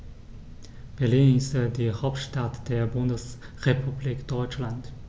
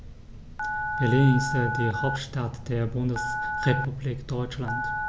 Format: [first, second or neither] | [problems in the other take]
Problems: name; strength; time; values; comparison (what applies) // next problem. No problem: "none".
first | background sound (Telephone); 5 dB below the speech